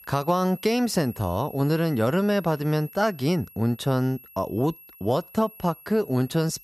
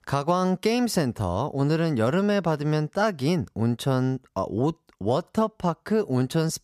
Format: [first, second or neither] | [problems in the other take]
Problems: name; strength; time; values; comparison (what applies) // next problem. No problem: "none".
second | high-pitched whine; faint; throughout; 11.5 kHz, 20 dB below the speech